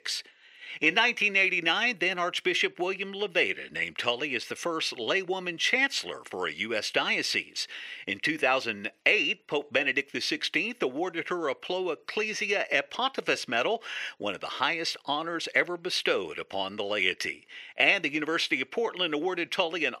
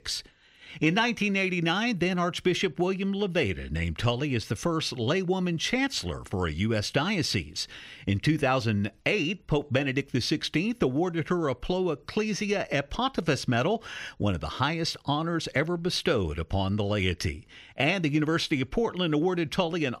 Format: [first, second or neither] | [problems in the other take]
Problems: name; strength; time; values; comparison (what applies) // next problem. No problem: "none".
second | thin; somewhat; fading below 450 Hz